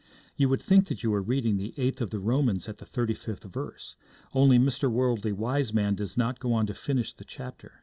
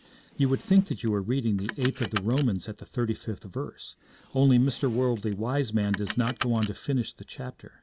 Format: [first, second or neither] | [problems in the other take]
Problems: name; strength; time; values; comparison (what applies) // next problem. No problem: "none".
first | background sound (Car); 16 dB below the speech